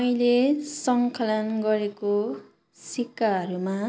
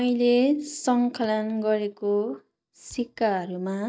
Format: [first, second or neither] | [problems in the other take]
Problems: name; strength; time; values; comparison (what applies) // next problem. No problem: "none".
first | noise reduction (neural mask model DeepFilterNet 3)